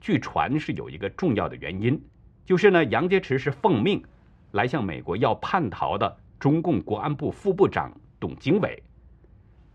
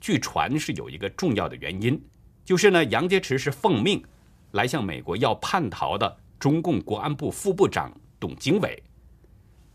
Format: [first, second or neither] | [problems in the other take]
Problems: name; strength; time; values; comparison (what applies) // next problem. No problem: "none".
second | muffled; slightly; fading above 2.5 kHz